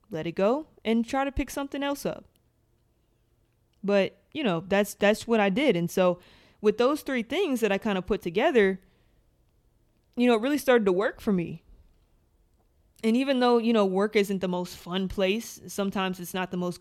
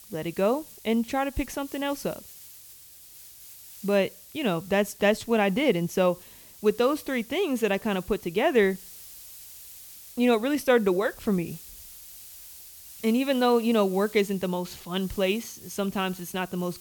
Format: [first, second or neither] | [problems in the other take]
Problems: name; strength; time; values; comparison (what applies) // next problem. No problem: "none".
first | hiss; noticeable; throughout; 20 dB below the speech